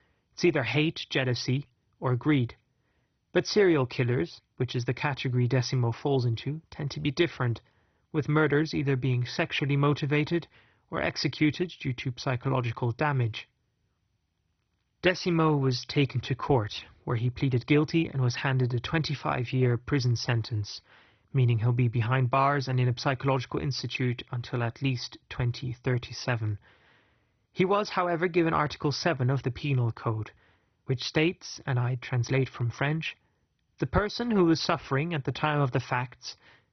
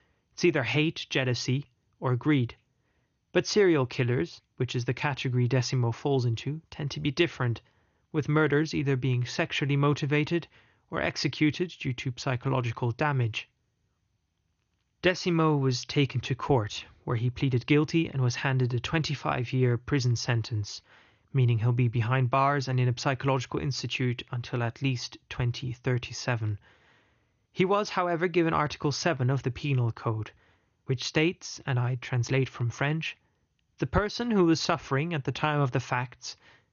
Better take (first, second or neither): second